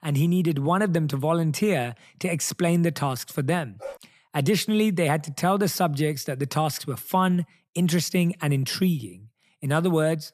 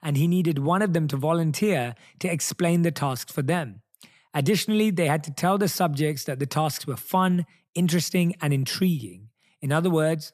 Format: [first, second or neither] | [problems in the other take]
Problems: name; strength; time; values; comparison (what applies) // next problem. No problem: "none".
second | dog barking; faint; at 4 s; peak 15 dB below the speech